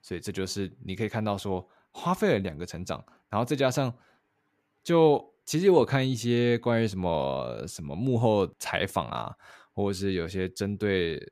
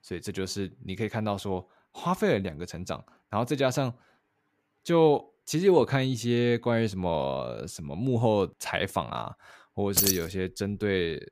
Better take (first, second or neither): first